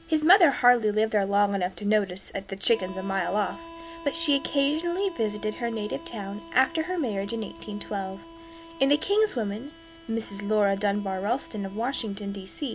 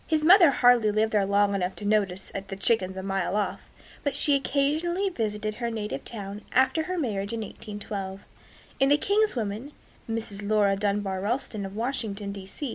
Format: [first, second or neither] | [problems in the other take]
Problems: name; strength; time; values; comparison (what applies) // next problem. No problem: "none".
second | background sound (Harmonica); 18 dB below the speech